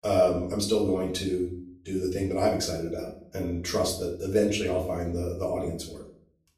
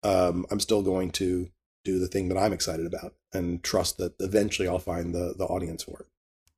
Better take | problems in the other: second | off-mic speech; far // room echo; slight; dies away in 0.4 s

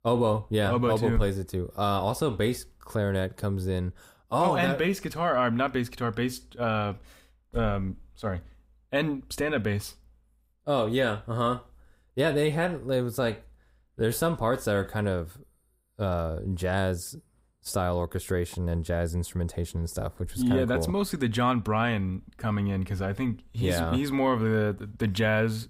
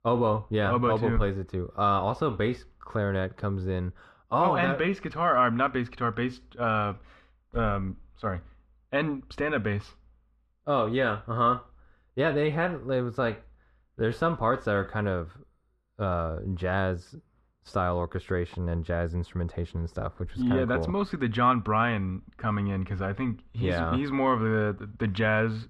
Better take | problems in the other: first | muffled; slightly; fading above 2.5 kHz

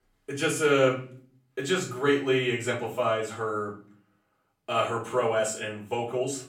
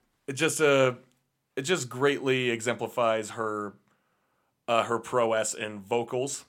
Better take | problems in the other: second | off-mic speech; far // room echo; slight; dies away in 0.4 s

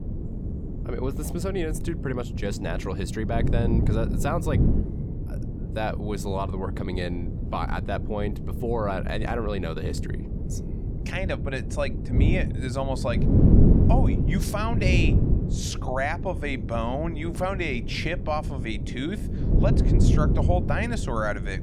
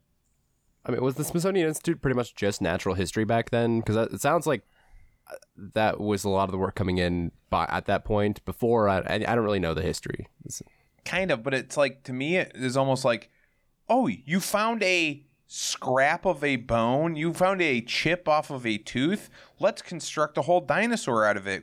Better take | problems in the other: second | wind noise on the microphone; heavy; 6 dB below the speech

